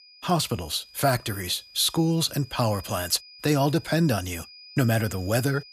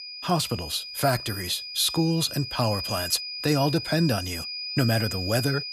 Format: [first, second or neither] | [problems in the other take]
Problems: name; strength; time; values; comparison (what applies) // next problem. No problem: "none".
first | high-pitched whine; loud; throughout; 5 kHz, 6 dB below the speech; faint in the first